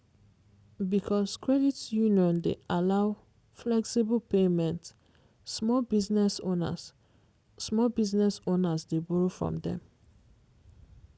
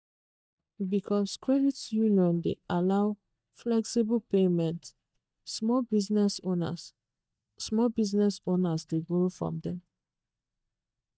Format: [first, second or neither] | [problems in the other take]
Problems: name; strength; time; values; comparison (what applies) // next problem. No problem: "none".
first | noise reduction (neural mask model DeepFilterNet 3)